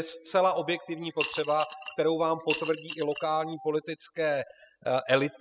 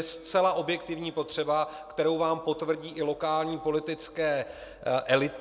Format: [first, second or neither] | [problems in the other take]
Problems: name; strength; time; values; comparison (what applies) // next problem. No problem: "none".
second | noise reduction (classical method spectral subtraction)